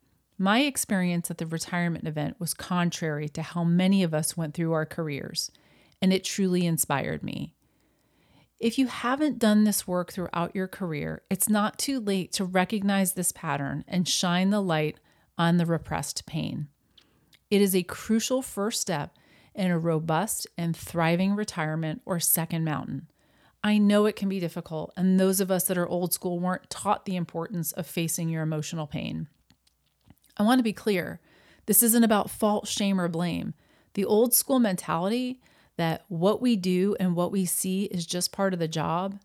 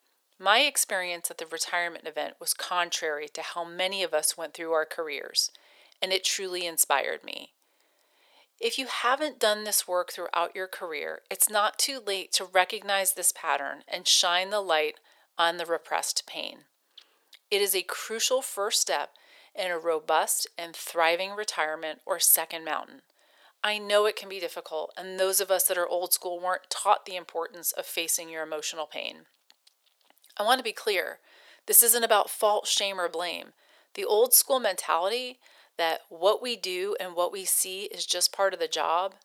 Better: first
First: none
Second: thin; very; fading below 450 Hz

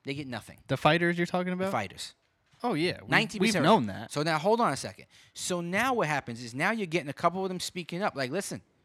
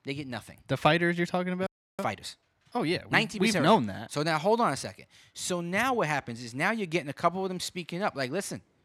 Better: first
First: none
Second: audio freezing; at 1.5 s

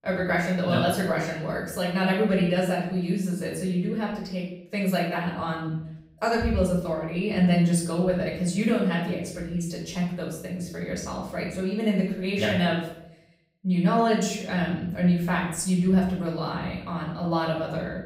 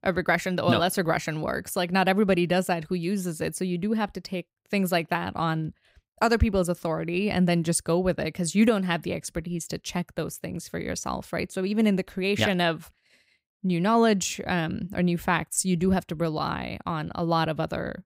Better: second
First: off-mic speech; far // room echo; noticeable; dies away in 0.6 s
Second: none

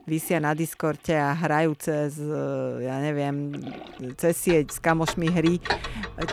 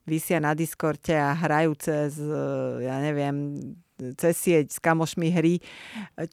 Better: second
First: household noises; loud; throughout; 8 dB below the speech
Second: none

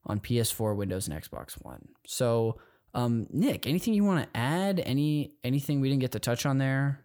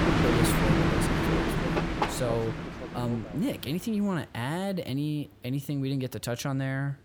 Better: first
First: none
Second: train or aircraft noise; very loud; throughout; 4 dB above the speech

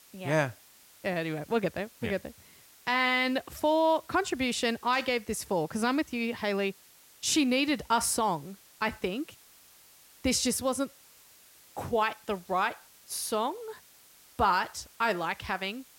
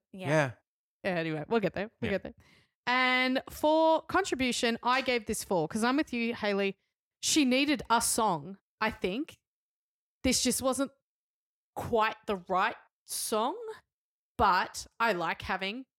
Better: second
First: hiss; faint; throughout; 25 dB below the speech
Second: none

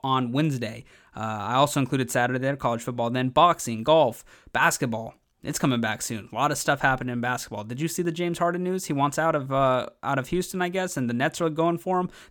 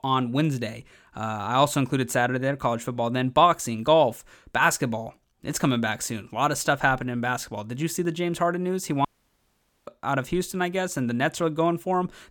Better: first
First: none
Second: audio cutting out; at 9 s for 1 s

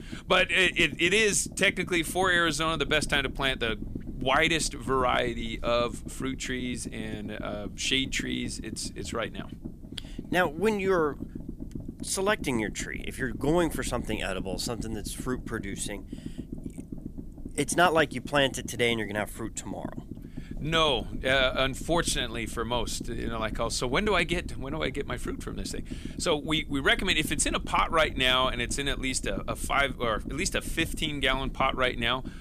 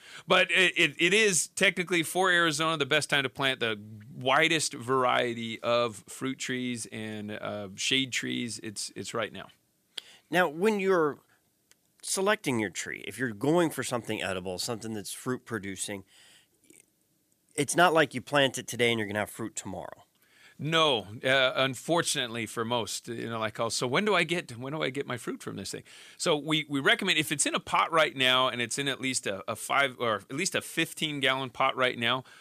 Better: second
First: low rumble; faint; throughout; 20 dB below the speech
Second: none

